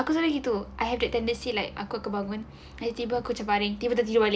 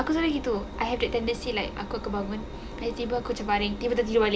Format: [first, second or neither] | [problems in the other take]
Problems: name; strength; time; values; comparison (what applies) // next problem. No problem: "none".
first | background sound (Engine); 10 dB below the speech